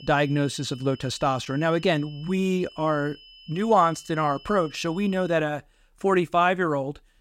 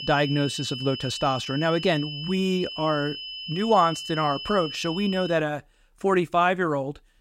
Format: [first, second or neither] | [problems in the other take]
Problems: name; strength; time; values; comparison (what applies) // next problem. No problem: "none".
first | high-pitched whine; loud; until 5.5 s; 3 kHz, 8 dB below the speech; faint in the first